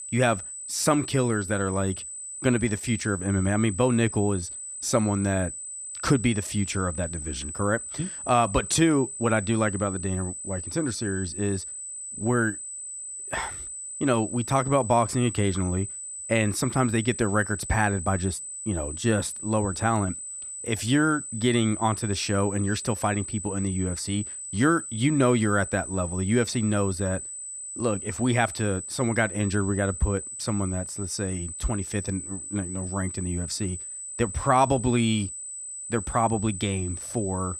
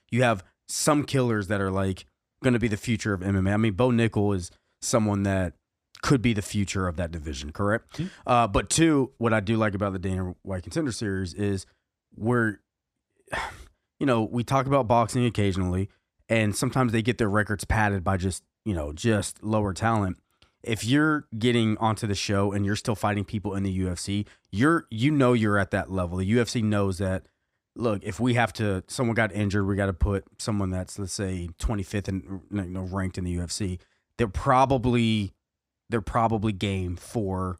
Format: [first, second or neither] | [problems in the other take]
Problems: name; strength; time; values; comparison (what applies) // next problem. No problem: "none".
second | high-pitched whine; loud; throughout; 8 kHz, 8 dB below the speech